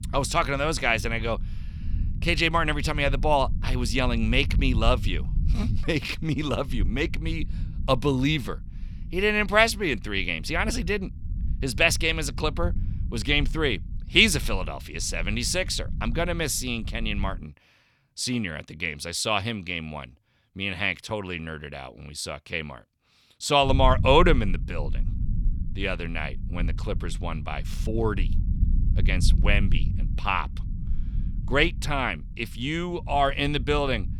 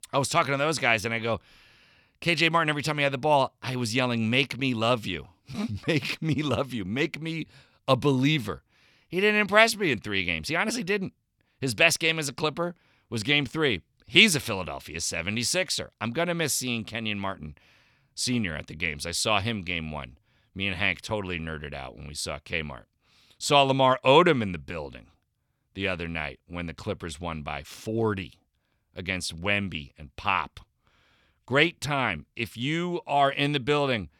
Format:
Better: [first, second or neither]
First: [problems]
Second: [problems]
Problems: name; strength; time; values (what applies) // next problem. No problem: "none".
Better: second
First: low rumble; faint; until 17 s and from 24 s on; 20 dB below the speech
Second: none